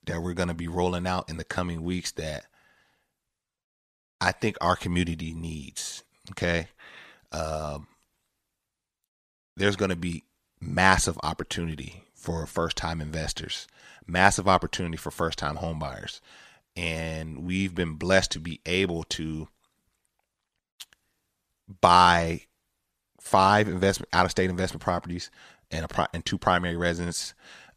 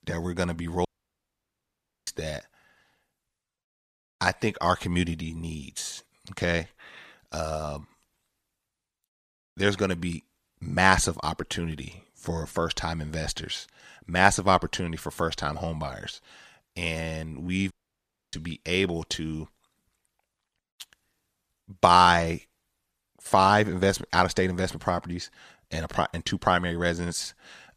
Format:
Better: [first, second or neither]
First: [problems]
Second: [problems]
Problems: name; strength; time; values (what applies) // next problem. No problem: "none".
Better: first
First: none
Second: audio cutting out; at 1 s for 1 s and at 18 s for 0.5 s